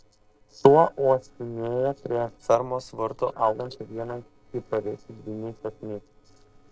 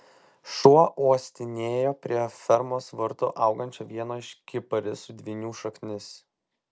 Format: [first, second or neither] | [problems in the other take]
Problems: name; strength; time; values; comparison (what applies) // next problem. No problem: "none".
second | noise reduction (neural separator model SepFormer DNS4)